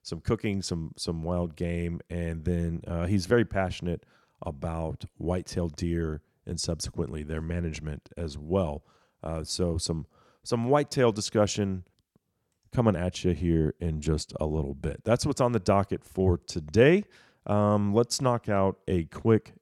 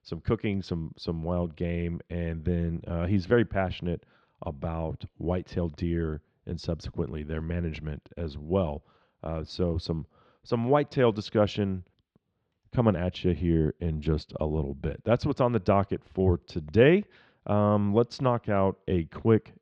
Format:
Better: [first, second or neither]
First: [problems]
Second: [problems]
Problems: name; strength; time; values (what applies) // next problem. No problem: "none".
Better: first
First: none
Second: muffled; slightly; fading above 3.5 kHz